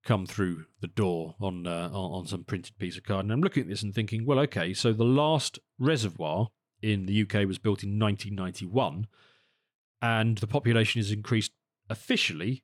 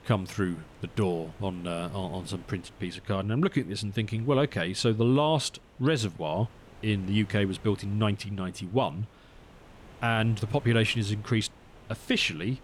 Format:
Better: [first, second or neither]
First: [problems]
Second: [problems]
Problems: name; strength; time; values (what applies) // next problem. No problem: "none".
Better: first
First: none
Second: wind noise on the microphone; occasional gusts; 20 dB below the speech